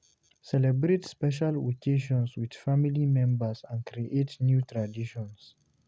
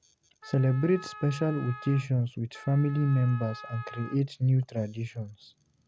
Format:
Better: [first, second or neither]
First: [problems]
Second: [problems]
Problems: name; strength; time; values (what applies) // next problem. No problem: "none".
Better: first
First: none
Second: background sound (Wind instrument, woodwind instrument); 17 dB below the speech